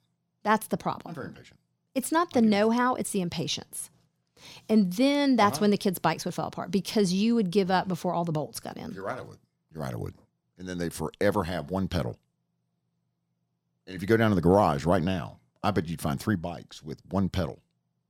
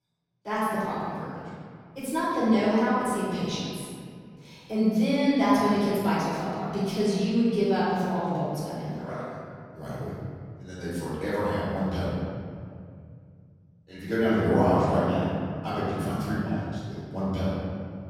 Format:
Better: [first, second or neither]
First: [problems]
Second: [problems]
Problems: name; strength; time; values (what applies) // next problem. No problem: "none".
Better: first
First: none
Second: room echo; strong; dies away in 2.2 s // off-mic speech; far